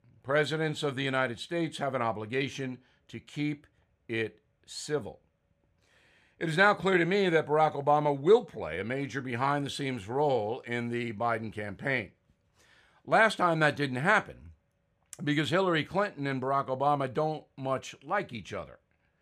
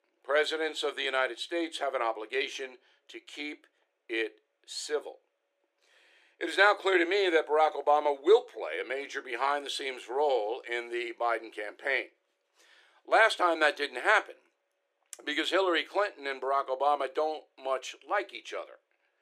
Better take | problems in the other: first | thin; very; fading below 350 Hz

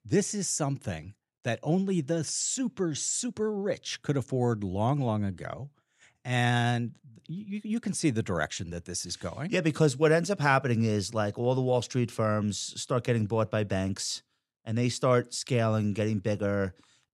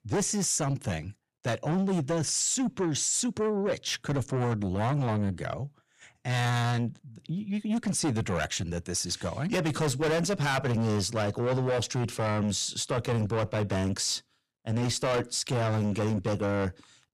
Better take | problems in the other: first | distortion; heavy; 6 dB below the speech

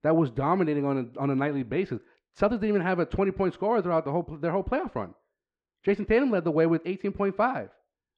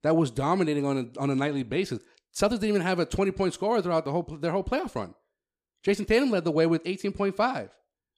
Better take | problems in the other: second | muffled; very; fading above 2 kHz

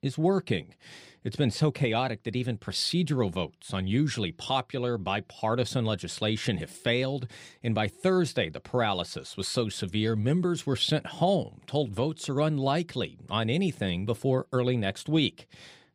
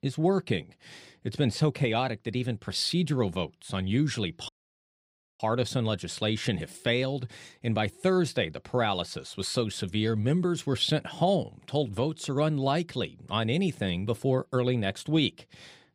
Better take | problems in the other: first | audio cutting out; at 4.5 s for 1 s

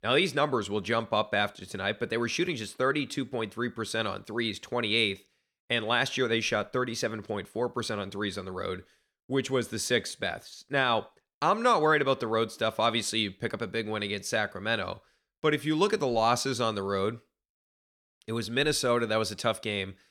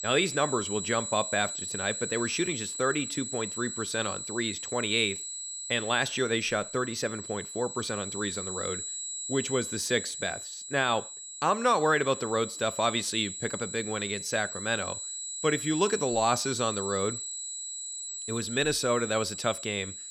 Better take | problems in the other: first | high-pitched whine; loud; throughout; 8 kHz, 6 dB below the speech

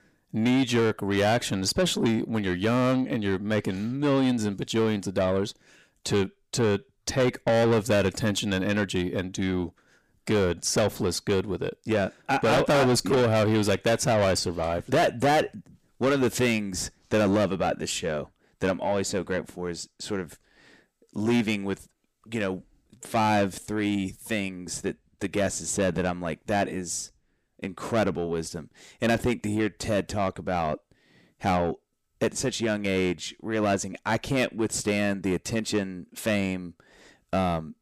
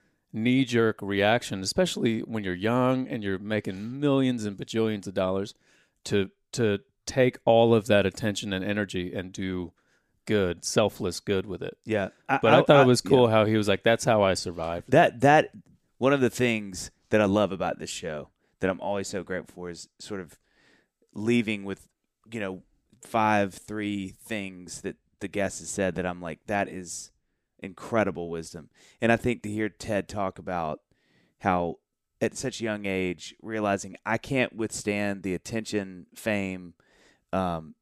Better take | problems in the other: second | distortion; heavy; 7 dB below the speech

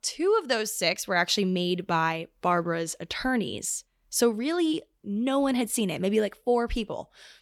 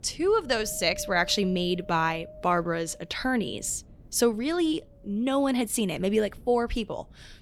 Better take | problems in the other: first | wind noise on the microphone; occasional gusts; 15 dB below the speech

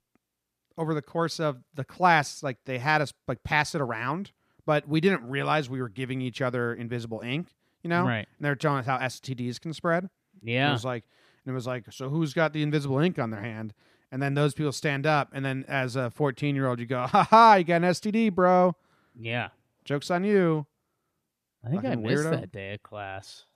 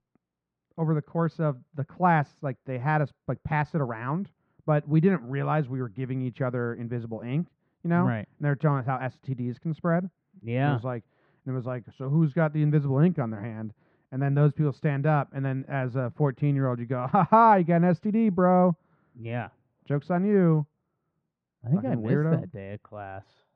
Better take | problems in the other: first | muffled; very; fading above 1.5 kHz

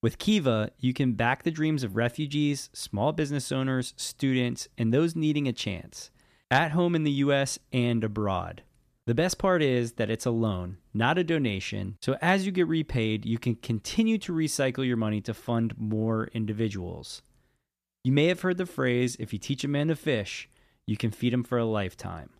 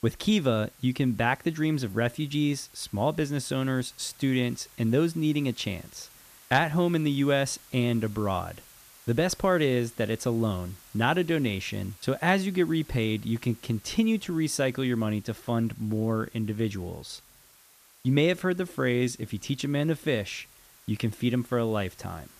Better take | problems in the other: first | hiss; faint; throughout; 25 dB below the speech

